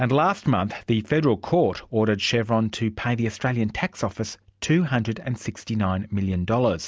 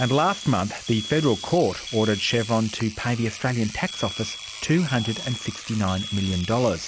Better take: first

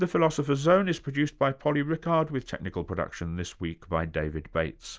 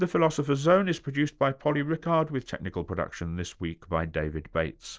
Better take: first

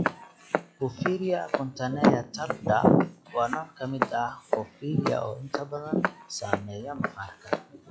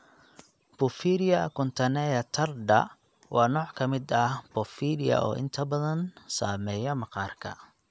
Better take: second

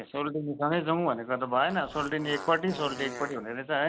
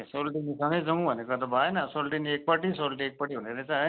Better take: second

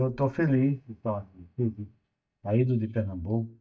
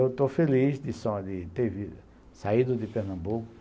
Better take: second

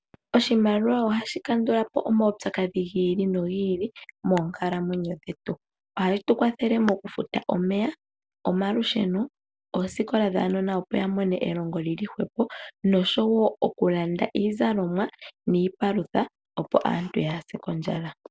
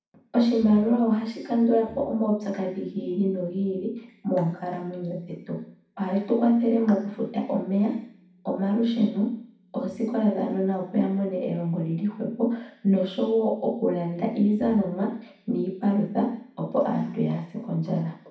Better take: first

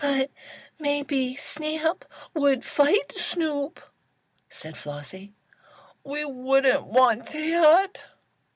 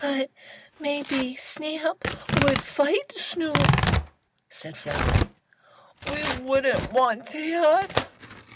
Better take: first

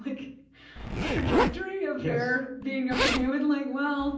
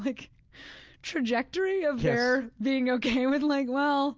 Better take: second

